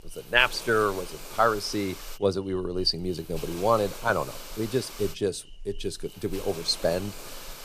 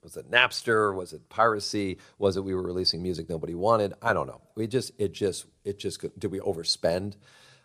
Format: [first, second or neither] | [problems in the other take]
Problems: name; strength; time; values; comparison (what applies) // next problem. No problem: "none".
second | hiss; noticeable; throughout; 15 dB below the speech